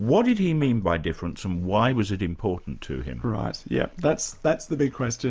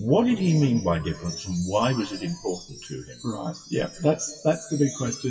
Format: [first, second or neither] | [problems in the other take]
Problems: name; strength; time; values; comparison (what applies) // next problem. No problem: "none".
first | noise reduction (classical method WPE with log-MMSE)